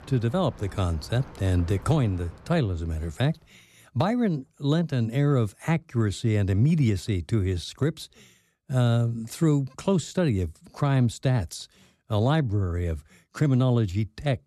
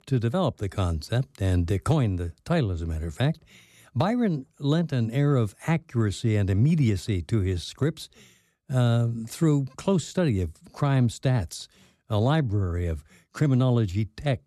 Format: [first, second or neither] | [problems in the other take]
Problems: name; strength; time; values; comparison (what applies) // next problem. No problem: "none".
second | rain or running water; noticeable; until 3 s; 20 dB below the speech